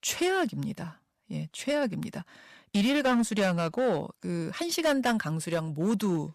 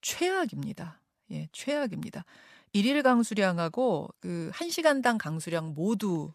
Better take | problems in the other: second | distortion; slight; 7% of the sound clipped

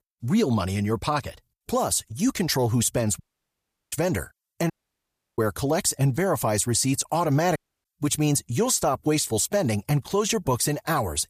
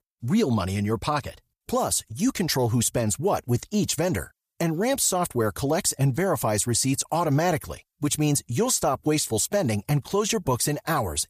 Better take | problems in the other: second | audio cutting out; at 3 s for 0.5 s, at 4.5 s for 0.5 s and at 7.5 s

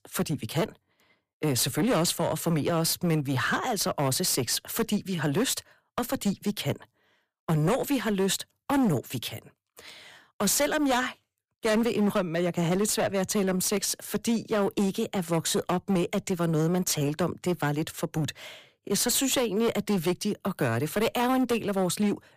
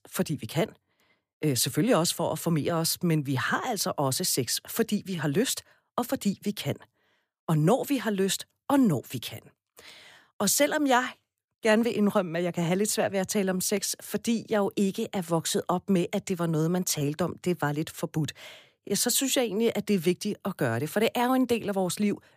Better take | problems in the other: second | distortion; slight; 12% of the sound clipped

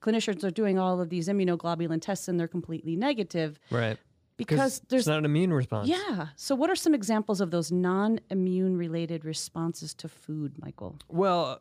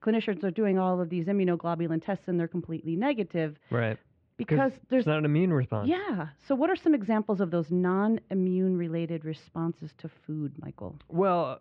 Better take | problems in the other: first | muffled; very; fading above 2.5 kHz

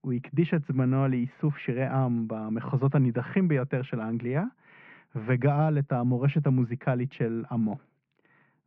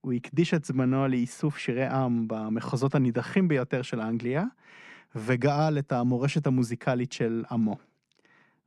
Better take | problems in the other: second | muffled; very; fading above 2.5 kHz

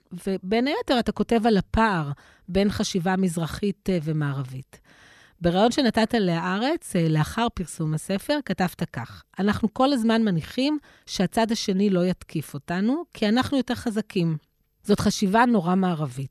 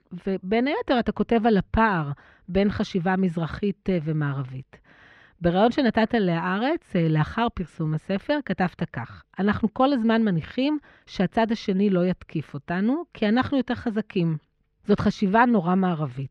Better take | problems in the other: first | muffled; slightly; fading above 2.5 kHz

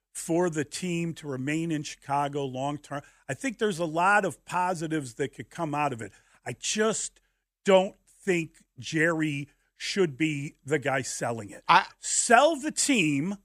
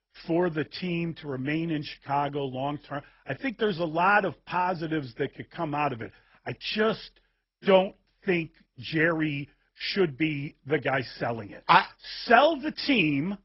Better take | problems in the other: first | garbled, watery; badly; nothing above 5.5 kHz

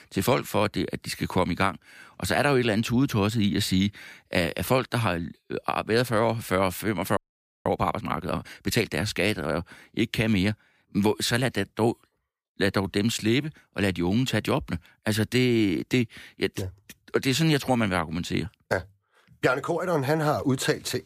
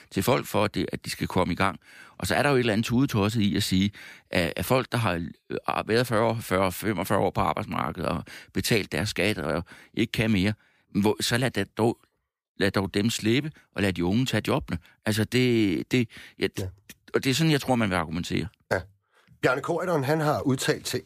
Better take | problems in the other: second | audio freezing; at 7 s

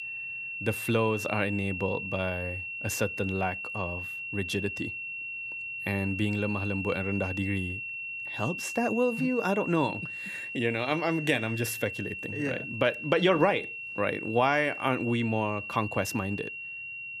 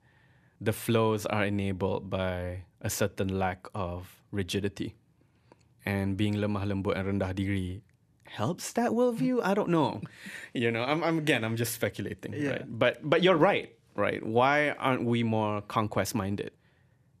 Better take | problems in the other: second | high-pitched whine; loud; throughout; 2.5 kHz, 5 dB below the speech

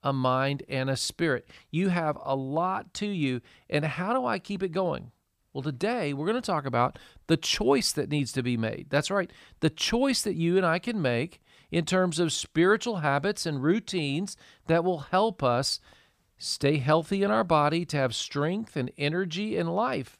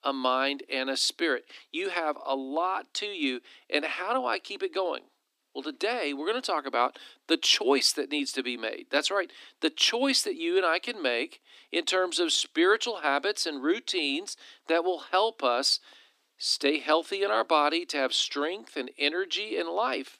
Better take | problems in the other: first | thin; somewhat; fading below 250 Hz

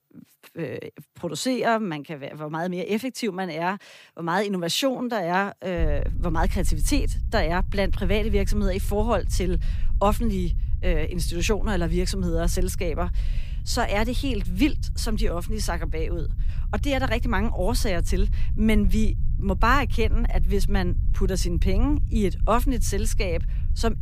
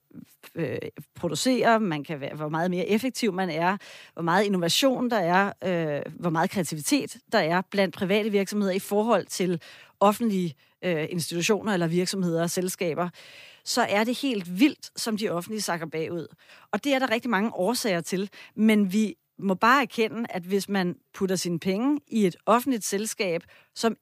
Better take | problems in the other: second | low rumble; faint; from 6 s on; 20 dB below the speech

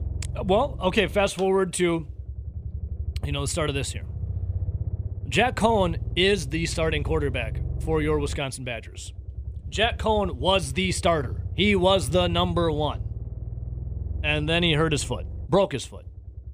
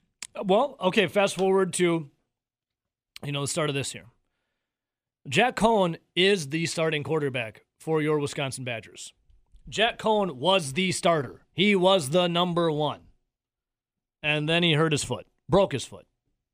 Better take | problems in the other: second | low rumble; faint; throughout; 25 dB below the speech

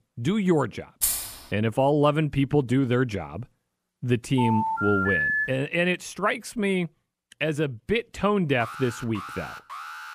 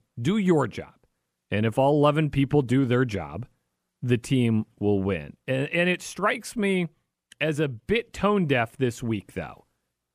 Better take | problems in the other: second | jangling keys; loud; at 1 s; peak 1 dB above the speech // phone ringing; loud; from 4.5 to 5.5 s; peak 3 dB above the speech // alarm; faint; from 8.5 s on; peak 10 dB below the speech

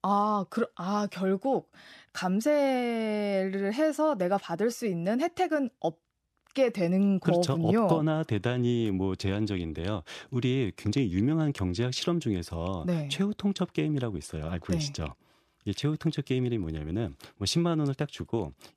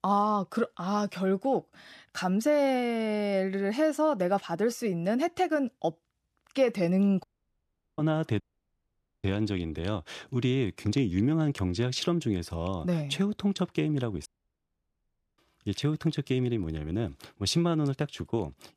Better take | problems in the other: first | audio cutting out; at 7 s for 0.5 s, at 8.5 s for 1 s and at 14 s for 1 s

